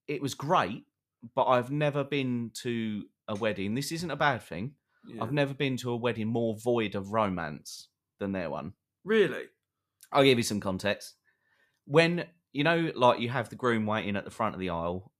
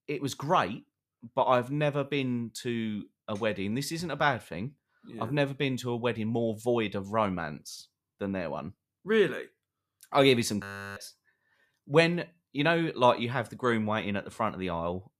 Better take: first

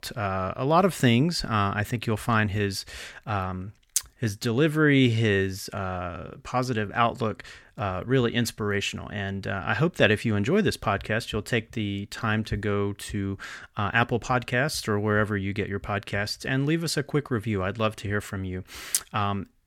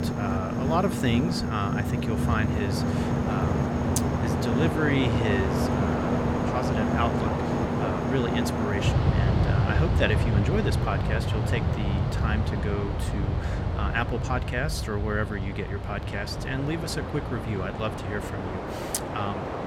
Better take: first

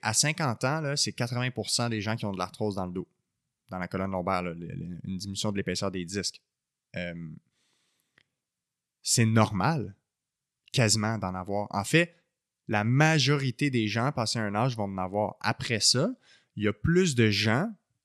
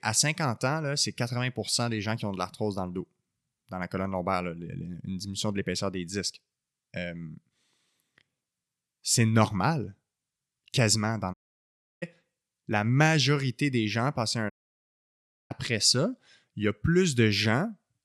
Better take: first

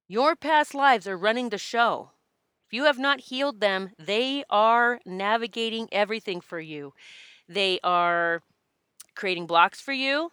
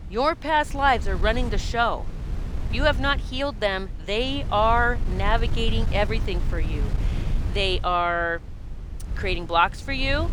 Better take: first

